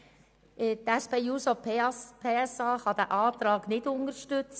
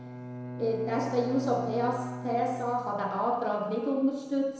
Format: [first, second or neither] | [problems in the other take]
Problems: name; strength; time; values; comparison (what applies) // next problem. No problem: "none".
first | background sound (Bowed string instrument); 10 dB below the speech // room echo; dies away in 1 s